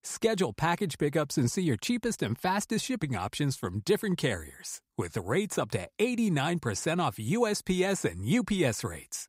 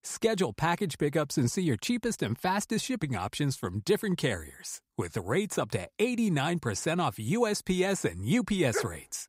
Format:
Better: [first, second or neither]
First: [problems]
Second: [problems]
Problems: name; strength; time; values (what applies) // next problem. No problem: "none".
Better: first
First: none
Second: dog barking; noticeable; at 8.5 s; peak 6 dB below the speech